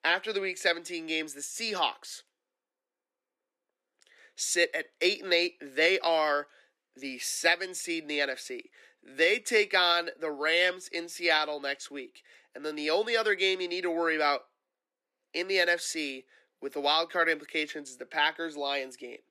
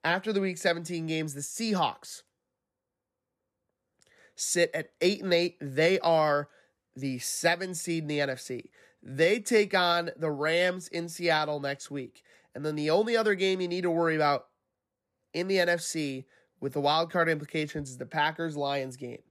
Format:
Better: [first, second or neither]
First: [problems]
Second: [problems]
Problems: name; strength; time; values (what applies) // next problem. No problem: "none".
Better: second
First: thin; somewhat; fading below 300 Hz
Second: none